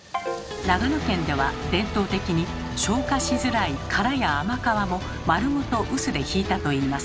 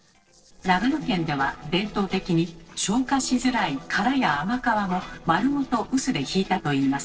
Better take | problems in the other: first | noise reduction (neural separator model SepFormer DNS4)

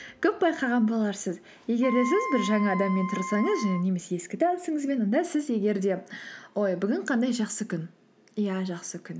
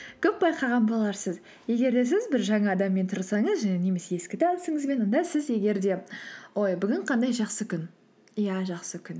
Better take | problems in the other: second | background sound (Wind instrument, woodwind instrument); 7 dB below the speech

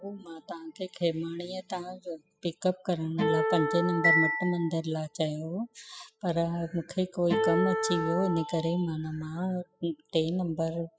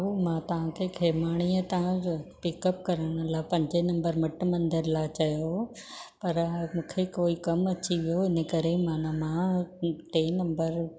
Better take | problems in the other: second | noise reduction (classical method spectral subtraction)

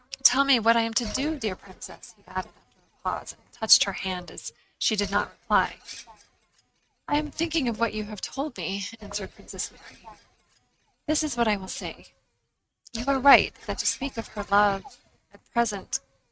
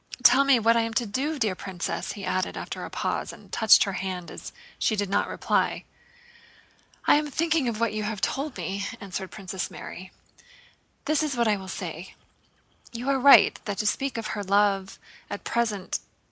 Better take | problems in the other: second | noise reduction (neural mask model RNNoise)

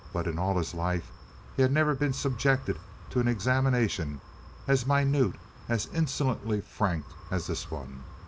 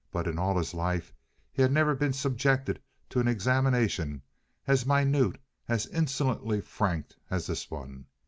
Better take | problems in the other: second | background sound (Wind); 17 dB below the speech

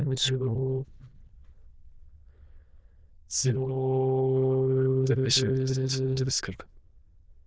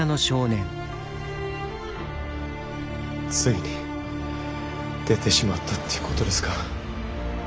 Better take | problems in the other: second | noise reduction (neural diffusion model UNIVERSE++)

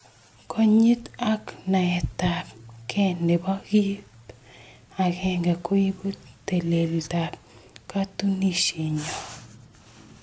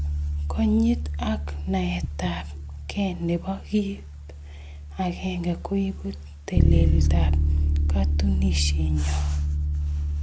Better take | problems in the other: first | background sound (Bass guitar); 4 dB above the speech

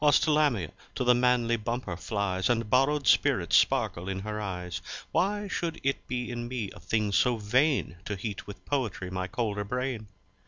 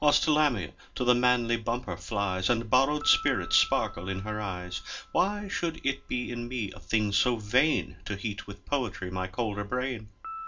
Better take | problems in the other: first | background sound (Piano); 19 dB below the speech // room echo; dies away in 0.2 s

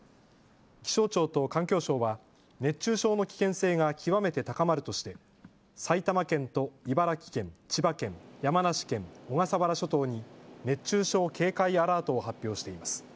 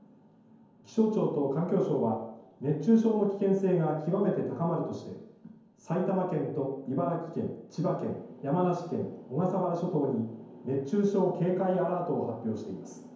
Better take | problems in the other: first | room echo; dies away in 0.9 s

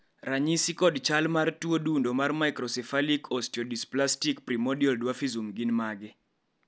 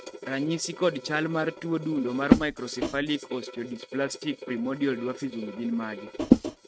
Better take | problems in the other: first | noise reduction (neural mask model RNNoise)

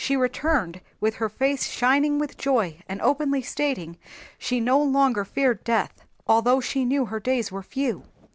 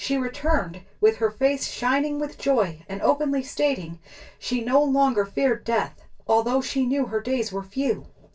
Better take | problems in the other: first | room echo; dies away in 0.2 s

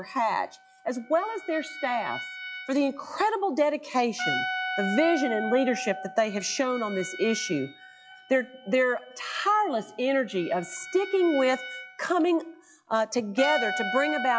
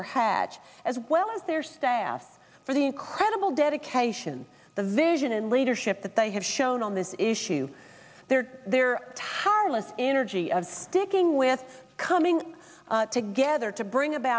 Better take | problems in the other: second | noise reduction (classical method log-MMSE)

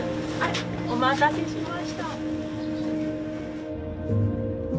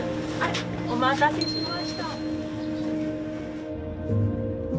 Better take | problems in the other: first | background sound (Bicycle bell); 13 dB below the speech

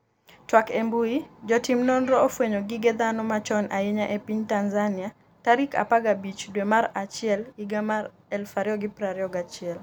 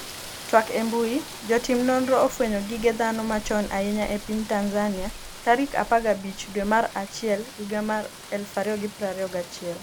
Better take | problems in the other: first | background sound (Rain); 14 dB below the speech

